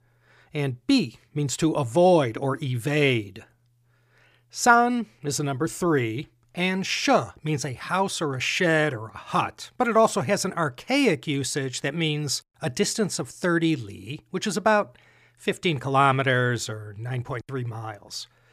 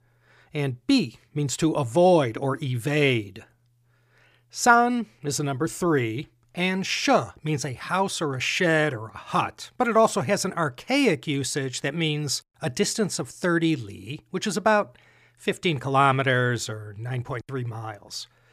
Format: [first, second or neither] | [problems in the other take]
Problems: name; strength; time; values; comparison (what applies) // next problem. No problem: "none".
neither | none